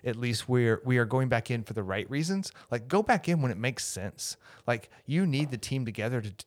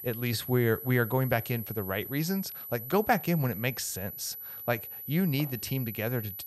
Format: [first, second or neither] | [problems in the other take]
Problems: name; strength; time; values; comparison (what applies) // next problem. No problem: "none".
first | high-pitched whine; loud; throughout; 12 kHz, 8 dB below the speech